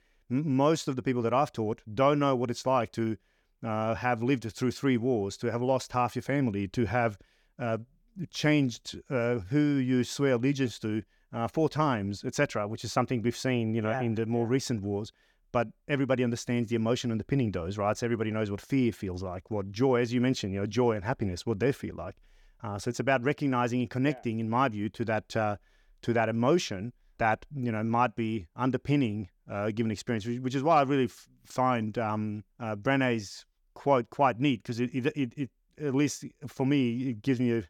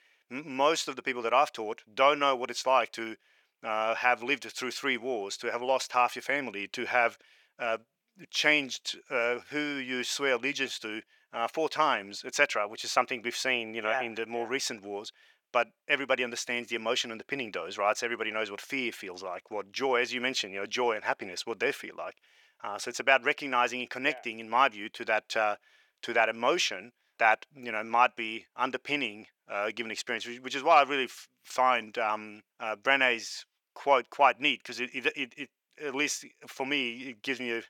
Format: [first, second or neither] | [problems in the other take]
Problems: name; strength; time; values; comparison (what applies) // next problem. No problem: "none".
first | thin; very; fading below 600 Hz